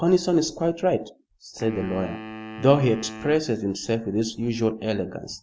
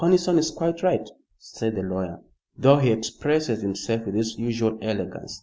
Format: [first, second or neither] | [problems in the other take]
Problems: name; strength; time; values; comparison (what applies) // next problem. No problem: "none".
second | background sound (Wind instrument, woodwind instrument); 15 dB below the speech